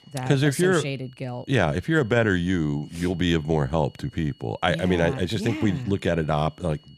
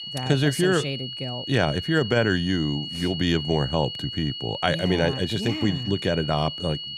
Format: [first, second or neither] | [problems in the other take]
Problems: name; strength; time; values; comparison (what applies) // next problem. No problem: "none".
first | high-pitched whine; loud; throughout; 3 kHz, 7 dB below the speech; faint in the first